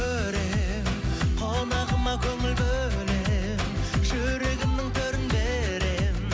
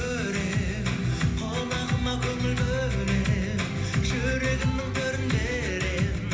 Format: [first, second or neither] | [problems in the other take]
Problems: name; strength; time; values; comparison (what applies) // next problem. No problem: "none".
first | room echo; dies away in 1 s